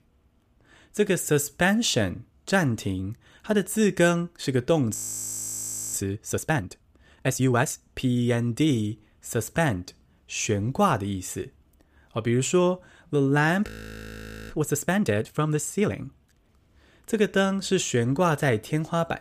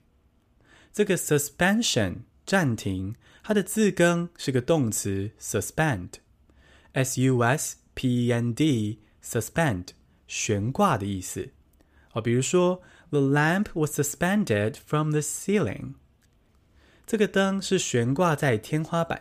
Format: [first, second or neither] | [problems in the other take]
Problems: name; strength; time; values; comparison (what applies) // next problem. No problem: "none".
second | audio freezing; at 5 s for 1 s and at 14 s for 1 s